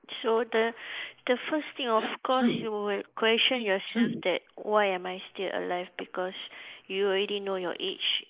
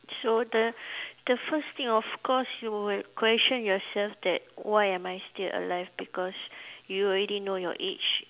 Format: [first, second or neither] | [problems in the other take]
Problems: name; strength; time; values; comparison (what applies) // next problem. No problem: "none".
second | noise reduction (neural mask model Resemble Enhance denoiser)